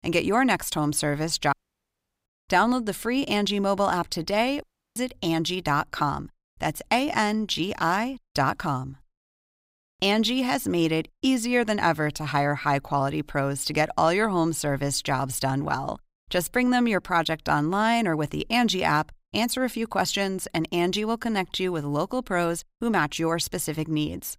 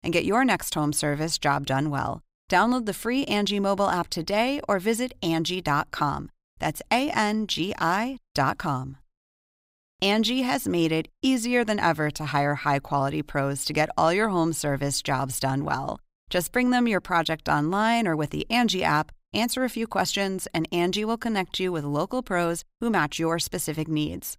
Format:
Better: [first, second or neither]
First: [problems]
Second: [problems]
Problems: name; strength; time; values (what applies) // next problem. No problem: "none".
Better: second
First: audio cutting out; at 1.5 s for 0.5 s and at 4.5 s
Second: none